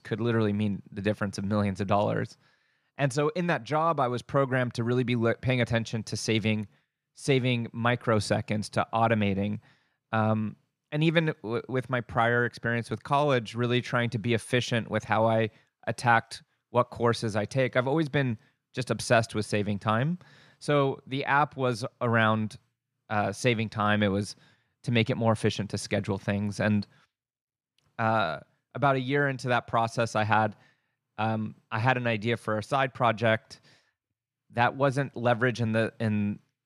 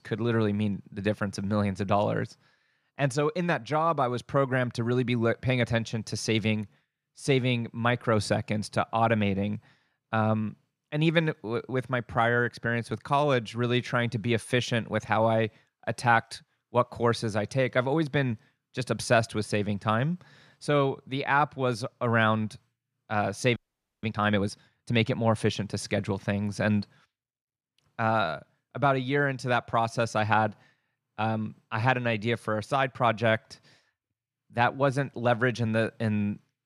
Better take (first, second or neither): first